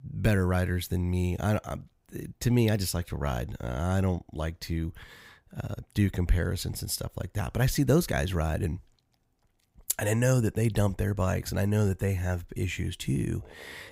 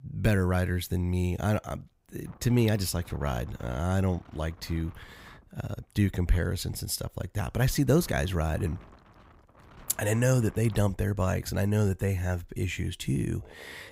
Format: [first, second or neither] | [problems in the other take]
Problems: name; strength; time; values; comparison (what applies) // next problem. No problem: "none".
first | wind noise on the microphone; occasional gusts; from 2.5 to 6.5 s and from 7.5 to 11 s; 20 dB below the speech